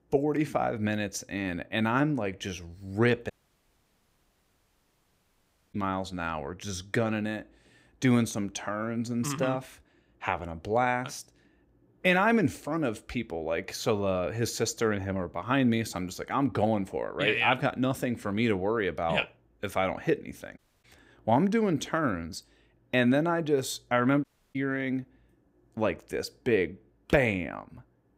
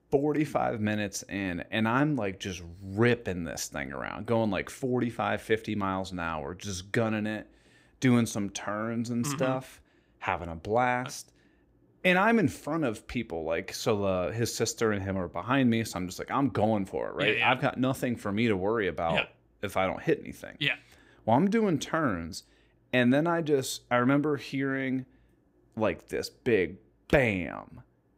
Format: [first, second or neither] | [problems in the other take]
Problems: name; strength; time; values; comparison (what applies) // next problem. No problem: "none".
second | audio cutting out; at 3.5 s for 2.5 s, at 21 s and at 24 s